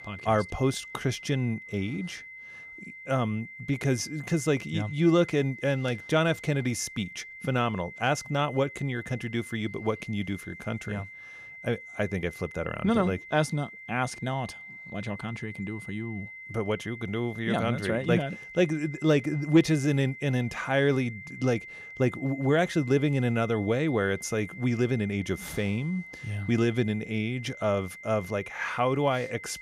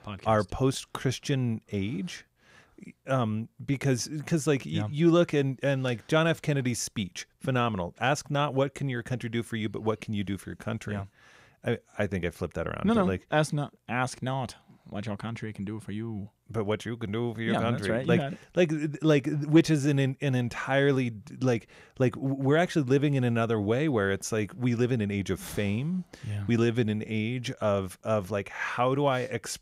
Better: second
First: high-pitched whine; noticeable; throughout; 2 kHz, 15 dB below the speech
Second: none

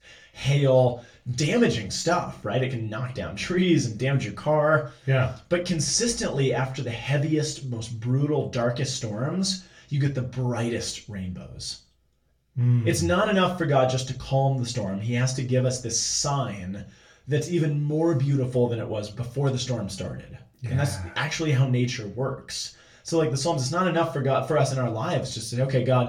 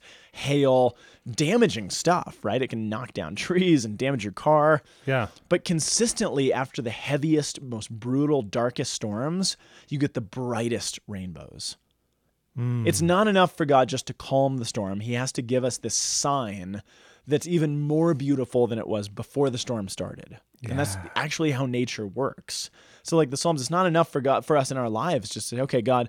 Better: second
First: room echo; very slight; dies away in 0.3 s // off-mic speech; far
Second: none

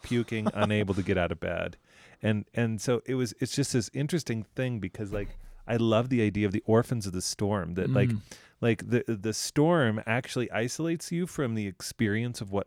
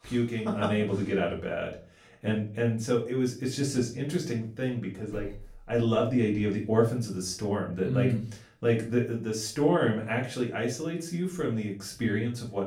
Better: first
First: none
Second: off-mic speech; far // room echo; slight; dies away in 0.3 s

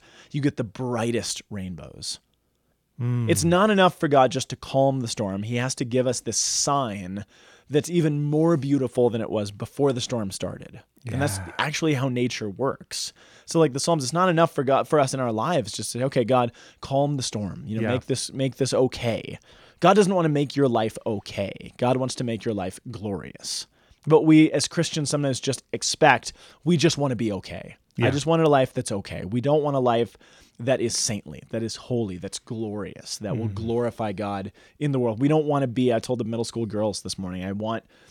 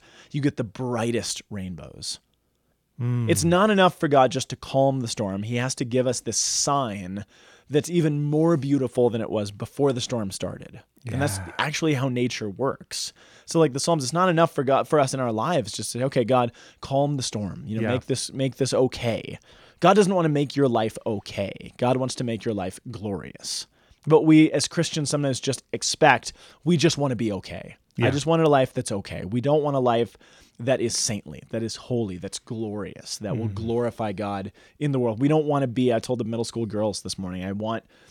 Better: neither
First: none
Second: none

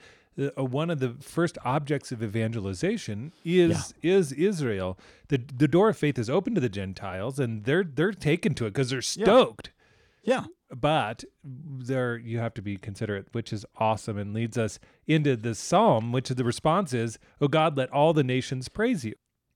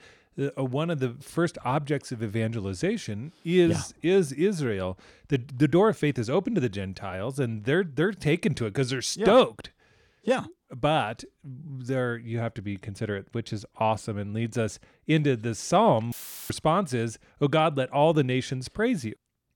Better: first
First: none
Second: audio cutting out; filled with static; at 16 s

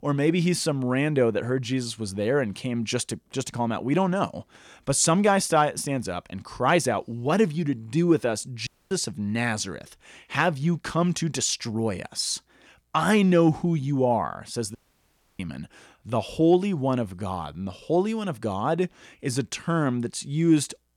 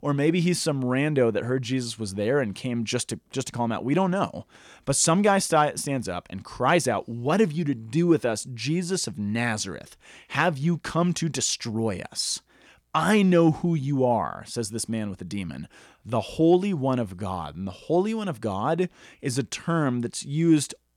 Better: second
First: audio cutting out; at 8.5 s and at 15 s for 0.5 s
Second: none

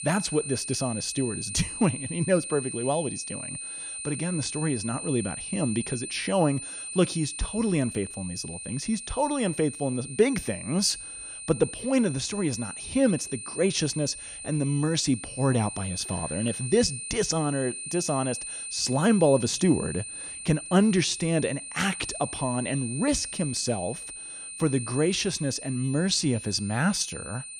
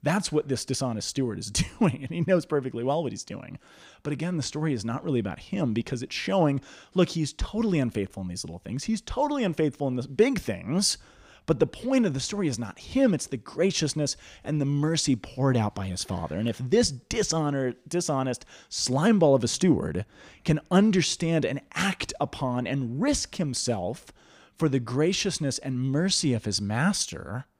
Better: second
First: high-pitched whine; loud; throughout; 9 kHz, 8 dB below the speech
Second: none

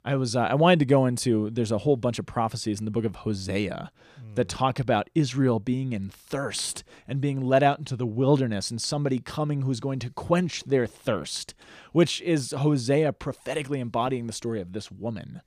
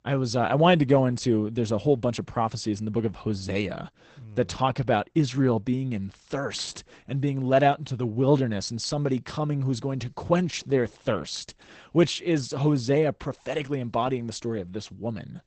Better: first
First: none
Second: garbled, watery; badly; nothing above 8 kHz

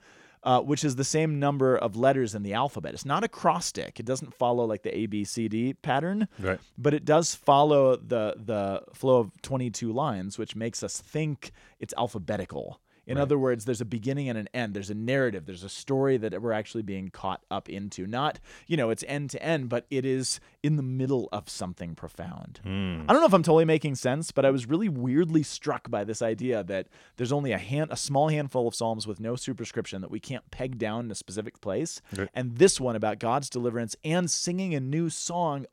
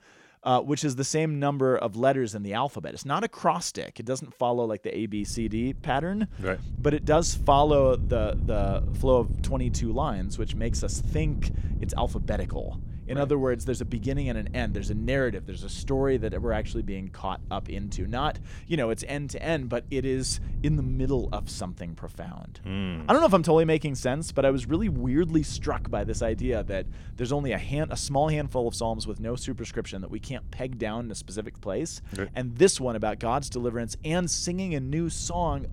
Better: first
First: none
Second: wind noise on the microphone; occasional gusts; from 5 s on; 20 dB below the speech

